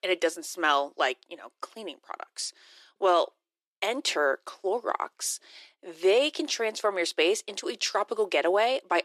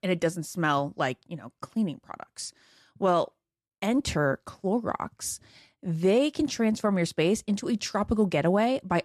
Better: second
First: thin; very; fading below 350 Hz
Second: none

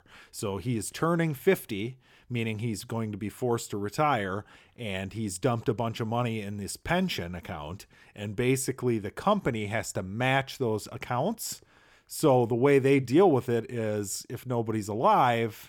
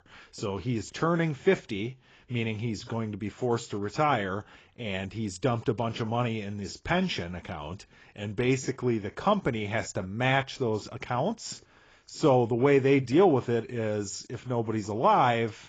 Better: first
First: none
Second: garbled, watery; badly; nothing above 7.5 kHz

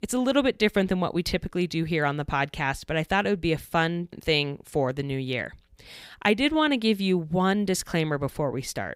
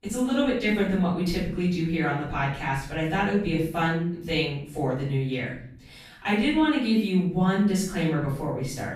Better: first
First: none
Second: off-mic speech; far // room echo; noticeable; dies away in 0.6 s

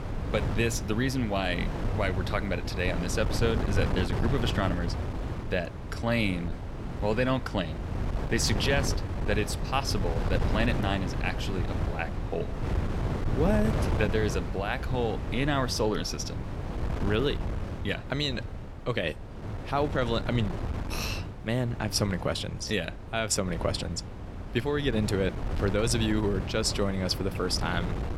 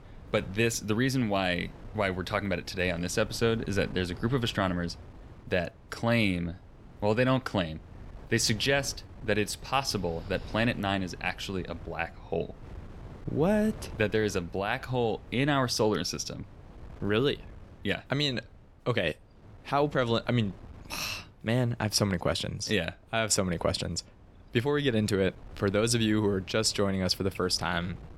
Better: second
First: wind noise on the microphone; heavy; 8 dB below the speech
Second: wind noise on the microphone; occasional gusts; 25 dB below the speech

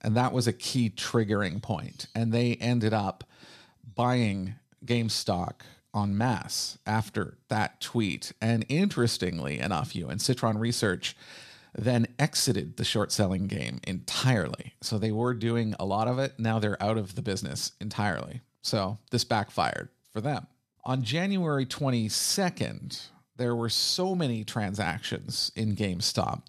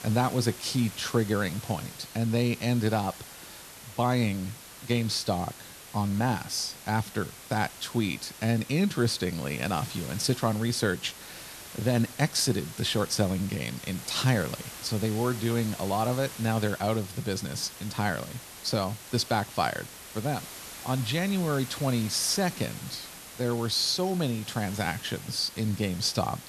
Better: first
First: none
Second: hiss; noticeable; throughout; 15 dB below the speech

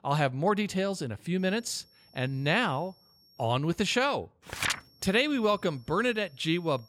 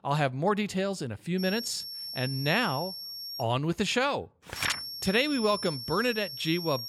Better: first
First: high-pitched whine; faint; from 1.5 to 3.5 s and from 4.5 s on; 5.5 kHz, 30 dB below the speech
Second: high-pitched whine; loud; from 1.5 to 3.5 s and from 4.5 s on; 5.5 kHz, 7 dB below the speech

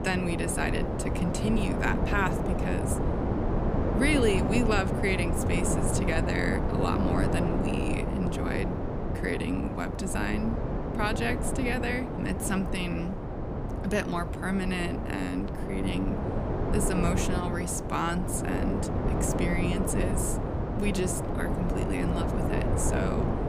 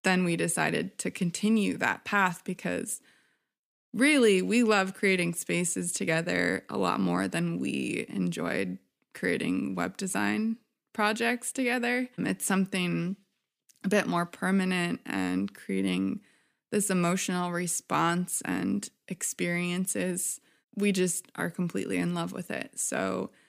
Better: second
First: wind noise on the microphone; heavy; 2 dB below the speech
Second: none

